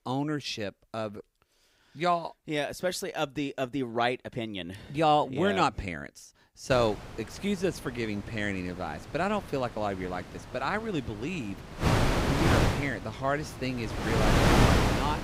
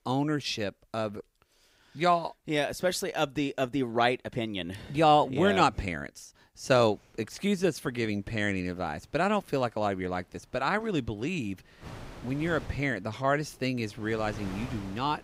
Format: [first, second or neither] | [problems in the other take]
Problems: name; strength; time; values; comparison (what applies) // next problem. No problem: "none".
second | wind noise on the microphone; heavy; from 6.5 s on; 3 dB above the speech; occasional gusts in the second